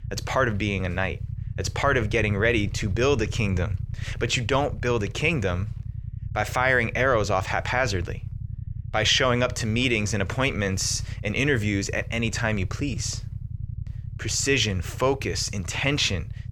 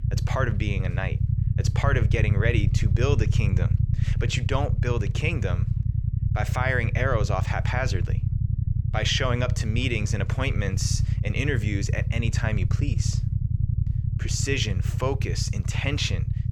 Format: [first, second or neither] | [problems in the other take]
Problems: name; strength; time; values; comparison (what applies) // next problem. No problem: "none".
first | low rumble; loud; throughout; 10 dB below the speech; faint in the first